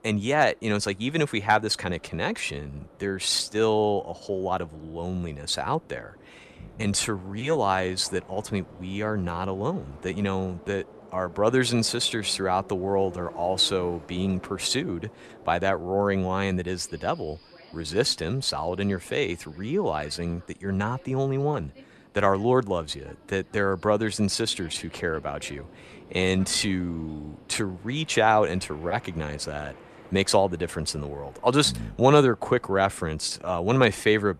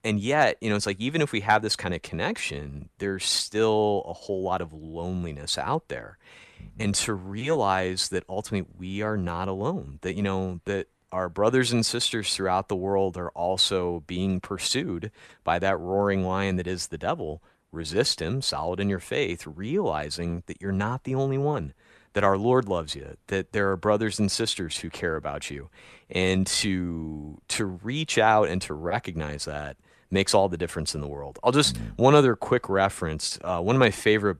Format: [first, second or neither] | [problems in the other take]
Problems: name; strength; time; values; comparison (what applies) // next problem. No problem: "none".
second | train or aircraft noise; faint; throughout; 25 dB below the speech